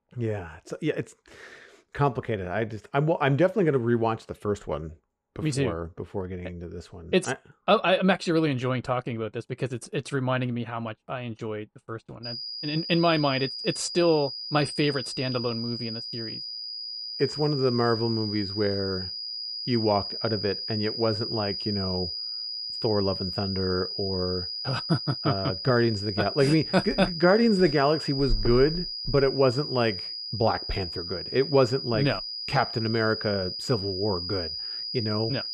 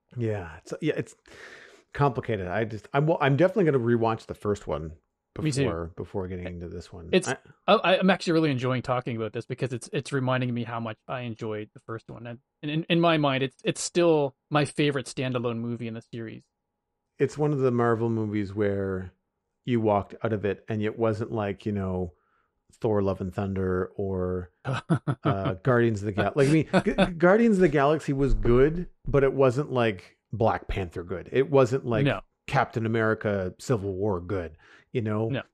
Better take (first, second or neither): second